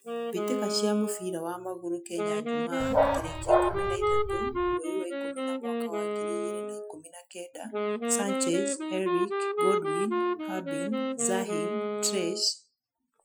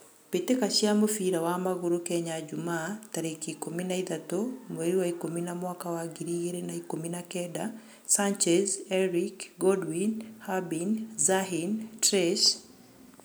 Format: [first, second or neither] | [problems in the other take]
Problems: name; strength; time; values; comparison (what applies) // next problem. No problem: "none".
second | noise reduction (classical method Wiener filter)